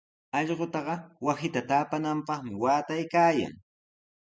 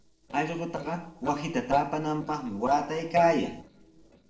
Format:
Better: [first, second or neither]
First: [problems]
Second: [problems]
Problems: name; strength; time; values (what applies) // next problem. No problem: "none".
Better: first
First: none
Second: noise reduction (neural separator model SepFormer DNS4)